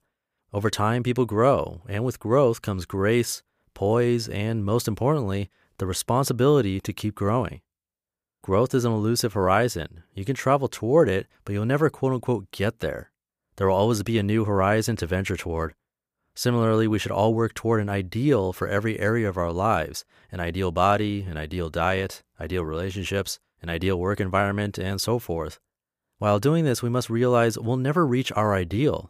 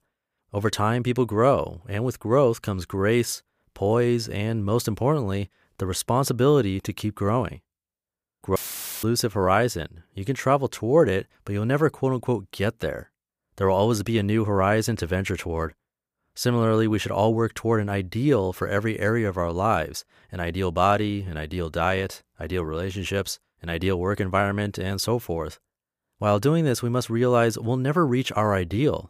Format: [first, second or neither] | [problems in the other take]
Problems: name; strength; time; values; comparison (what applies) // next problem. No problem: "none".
first | audio cutting out; filled with static; at 8.5 s